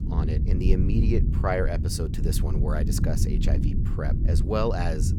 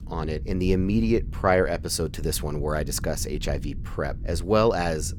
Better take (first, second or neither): second